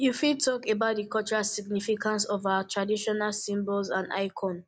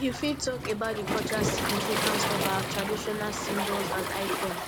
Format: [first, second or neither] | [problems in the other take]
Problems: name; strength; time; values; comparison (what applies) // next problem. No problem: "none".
first | background sound (Waves, surf); 1 dB above the speech